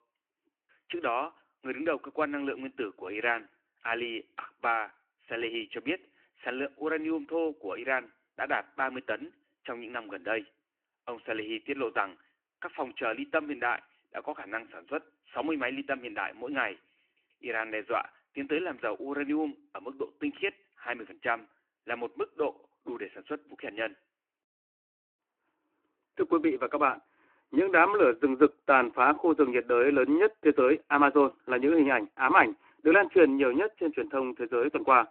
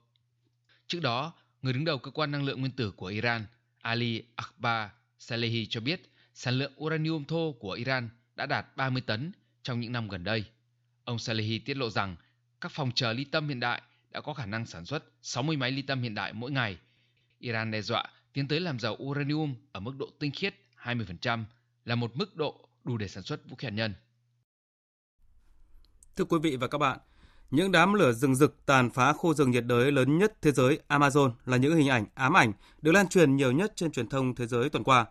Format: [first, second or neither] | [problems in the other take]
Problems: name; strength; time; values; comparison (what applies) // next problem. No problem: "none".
second | phone-call audio